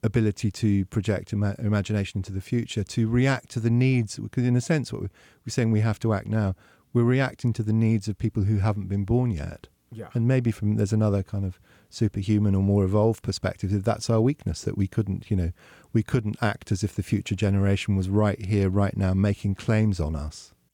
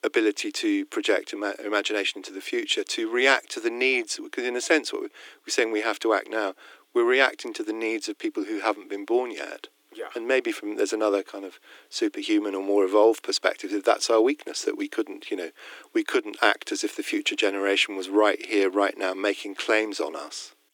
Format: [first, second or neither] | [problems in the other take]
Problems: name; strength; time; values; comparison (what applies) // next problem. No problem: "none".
first | thin; very; fading below 300 Hz